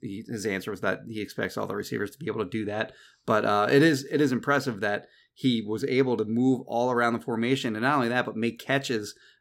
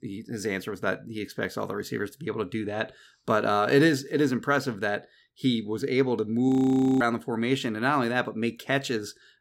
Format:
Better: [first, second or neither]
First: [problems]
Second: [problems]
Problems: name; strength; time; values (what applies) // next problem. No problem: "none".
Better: first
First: none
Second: audio freezing; at 6.5 s for 0.5 s